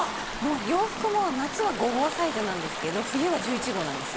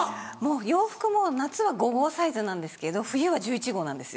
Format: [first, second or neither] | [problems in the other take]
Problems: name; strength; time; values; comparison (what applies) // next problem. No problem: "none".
second | background sound (Stream / Ocean); 5 dB below the speech